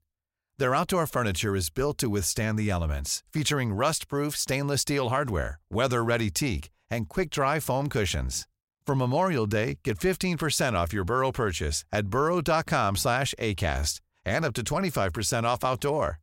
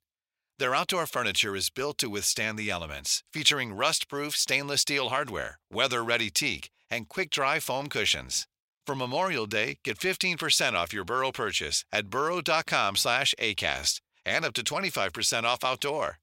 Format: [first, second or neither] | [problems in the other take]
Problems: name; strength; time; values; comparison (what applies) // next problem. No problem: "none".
first | thin; somewhat; fading below 450 Hz